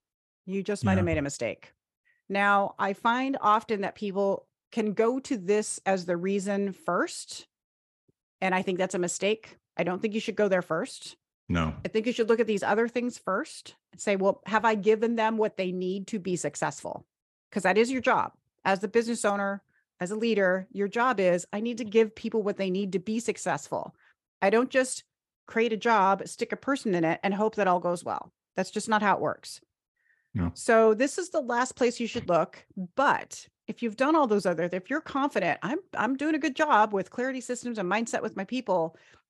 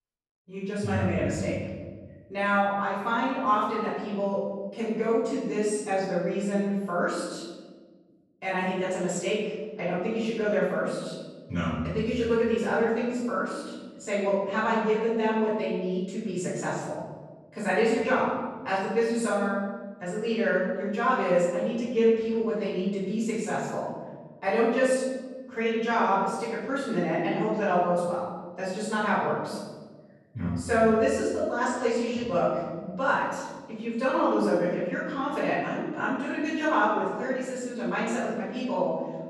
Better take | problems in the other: first | off-mic speech; far // room echo; strong; dies away in 1.4 s

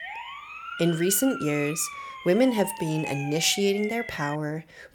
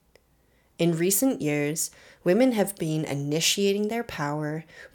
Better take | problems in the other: second | siren; noticeable; until 4.5 s; peak 10 dB below the speech

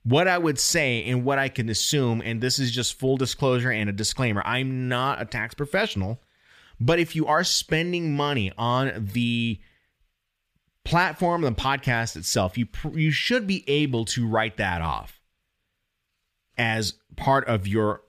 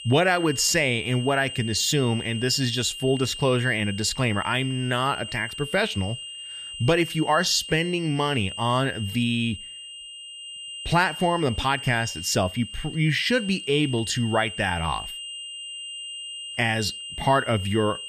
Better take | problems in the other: first | high-pitched whine; loud; throughout; 3 kHz, 10 dB below the speech

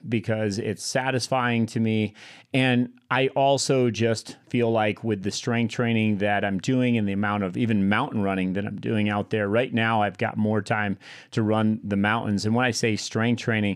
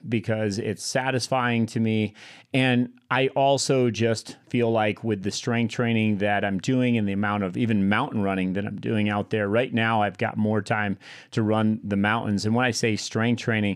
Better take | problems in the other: neither | none

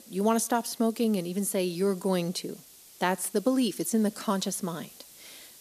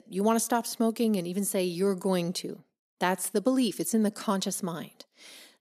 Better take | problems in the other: second | hiss; faint; throughout; 20 dB below the speech

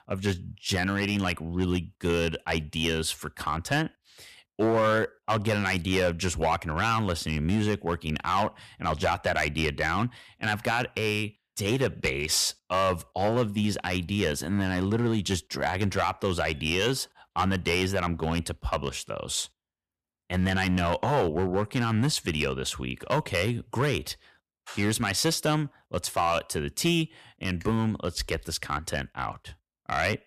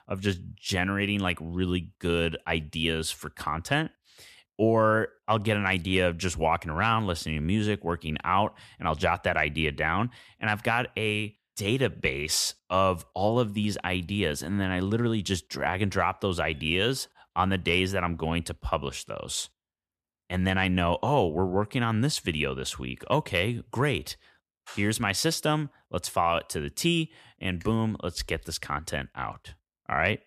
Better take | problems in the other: second | distortion; slight; 4% of the sound clipped

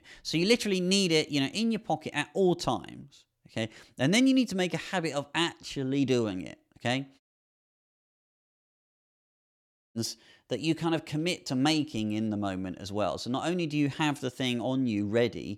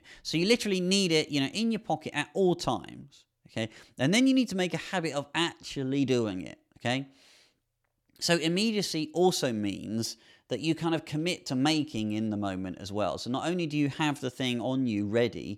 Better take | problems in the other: second | audio cutting out; at 7 s for 2.5 s

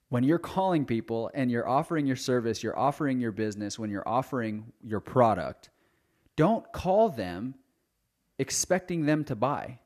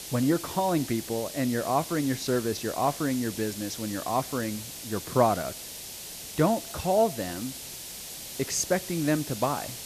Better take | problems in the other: first | hiss; loud; throughout; 9 dB below the speech

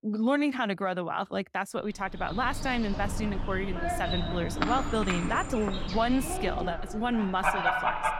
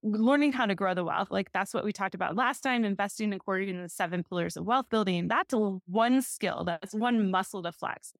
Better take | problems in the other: second | animal sounds; loud; from 2 s on; 2 dB below the speech

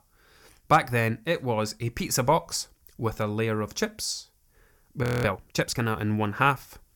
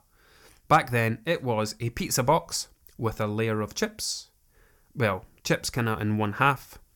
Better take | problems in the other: second | audio freezing; at 5 s

